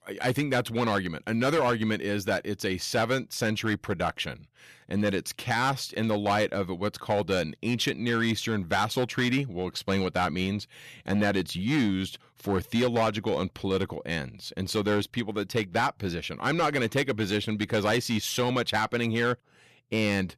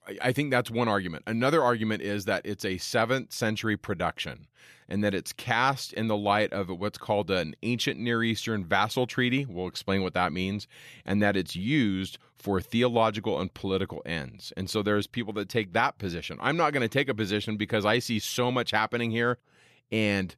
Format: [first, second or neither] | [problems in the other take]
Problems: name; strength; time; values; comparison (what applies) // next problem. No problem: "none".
second | distortion; slight; 6% of the sound clipped